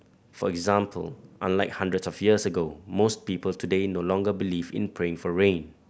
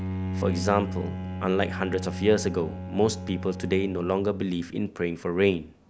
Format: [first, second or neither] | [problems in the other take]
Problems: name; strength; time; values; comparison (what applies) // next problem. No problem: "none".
first | background sound (Bowed string instrument); 7 dB below the speech